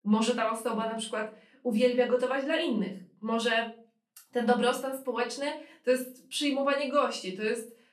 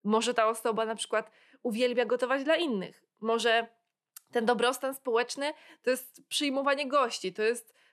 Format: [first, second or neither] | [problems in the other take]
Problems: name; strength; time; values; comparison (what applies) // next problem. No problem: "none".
second | off-mic speech; far // room echo; slight; dies away in 0.4 s